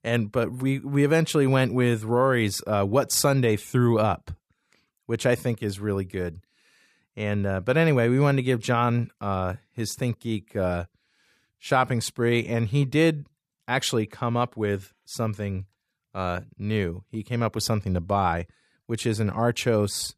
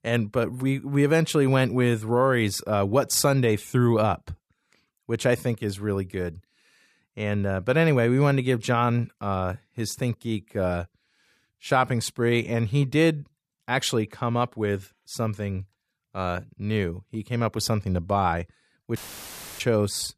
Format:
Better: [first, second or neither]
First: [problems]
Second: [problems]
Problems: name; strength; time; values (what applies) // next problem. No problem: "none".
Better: first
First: none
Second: audio cutting out; filled with static; at 19 s for 0.5 s